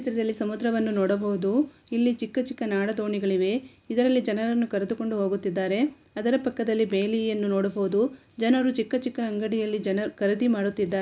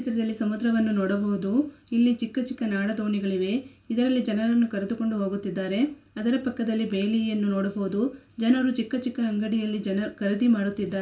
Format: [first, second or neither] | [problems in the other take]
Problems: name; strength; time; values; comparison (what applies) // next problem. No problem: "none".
first | room echo; dies away in 0.2 s